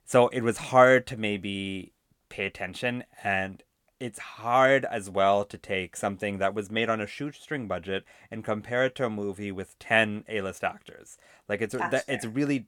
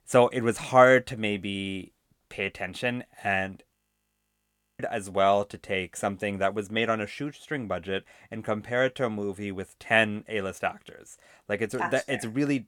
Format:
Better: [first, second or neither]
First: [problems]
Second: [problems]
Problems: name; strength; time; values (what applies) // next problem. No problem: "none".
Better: first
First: none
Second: audio freezing; at 4 s for 1 s